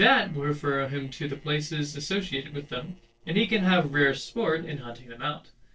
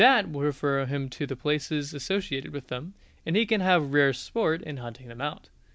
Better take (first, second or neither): second